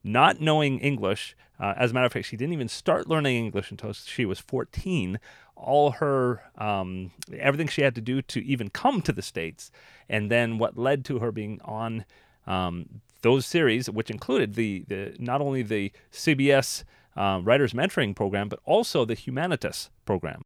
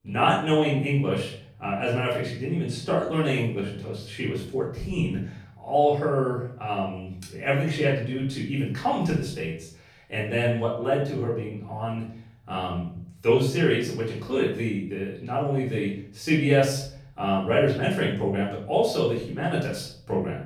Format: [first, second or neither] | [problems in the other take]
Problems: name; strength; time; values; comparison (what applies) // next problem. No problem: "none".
first | off-mic speech; far // room echo; noticeable; dies away in 0.6 s